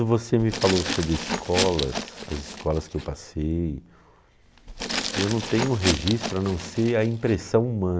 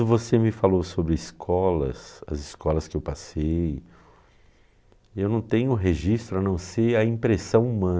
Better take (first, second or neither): second